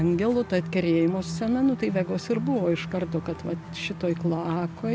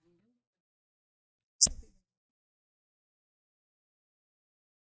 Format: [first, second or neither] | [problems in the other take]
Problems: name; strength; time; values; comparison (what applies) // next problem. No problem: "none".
first | noise reduction (neural mask model DeepFilterNet 3)